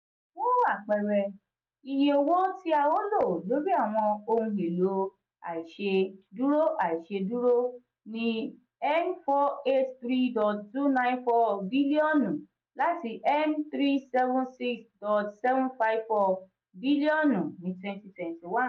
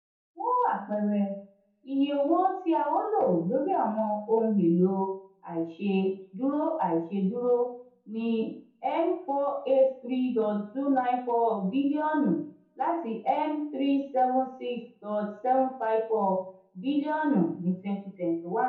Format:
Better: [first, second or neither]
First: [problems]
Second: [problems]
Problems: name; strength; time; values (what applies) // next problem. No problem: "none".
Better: first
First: none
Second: room echo; dies away in 0.6 s